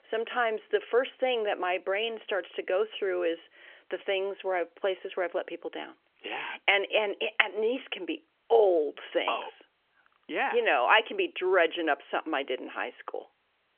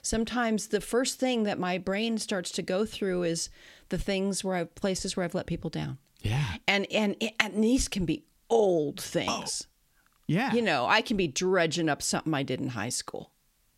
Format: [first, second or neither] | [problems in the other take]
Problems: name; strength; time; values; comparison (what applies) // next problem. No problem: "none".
second | phone-call audio; nothing above 3 kHz